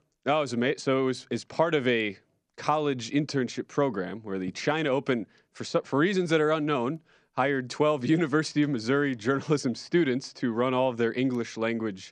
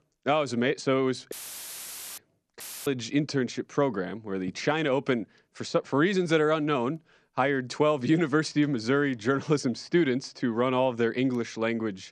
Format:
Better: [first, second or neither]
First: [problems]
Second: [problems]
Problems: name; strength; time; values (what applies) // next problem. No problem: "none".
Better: first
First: none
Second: audio cutting out; filled with static; at 1.5 s for 1 s and at 2.5 s